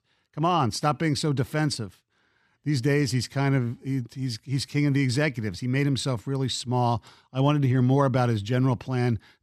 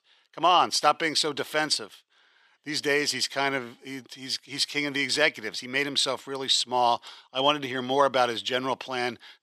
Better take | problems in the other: first | thin; very; fading below 600 Hz

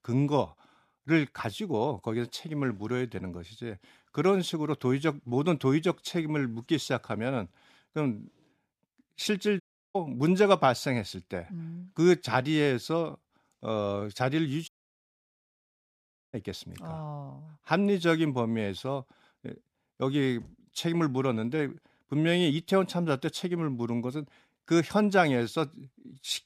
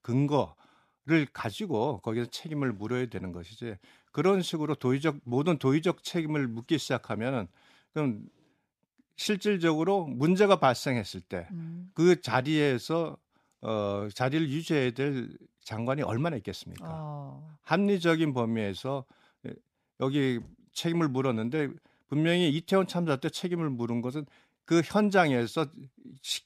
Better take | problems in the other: second | audio cutting out; at 9.5 s and at 15 s for 1.5 s

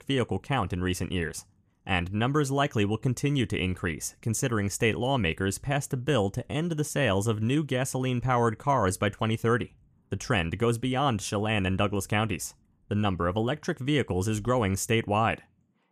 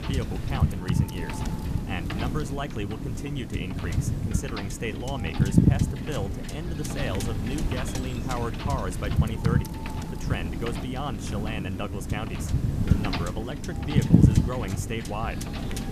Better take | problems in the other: first | wind noise on the microphone; heavy; as loud as the speech

